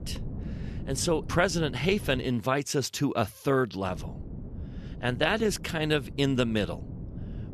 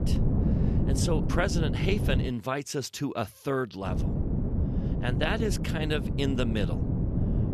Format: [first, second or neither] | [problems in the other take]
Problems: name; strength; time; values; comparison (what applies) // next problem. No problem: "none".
first | wind noise on the microphone; heavy; until 2.5 s and from 4 s on; 6 dB below the speech; occasional gusts in the first